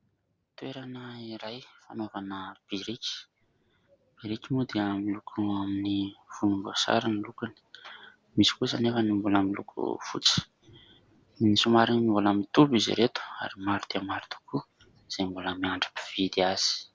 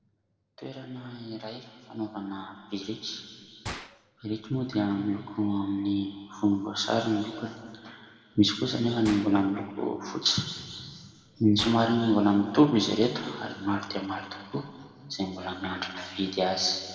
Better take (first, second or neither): first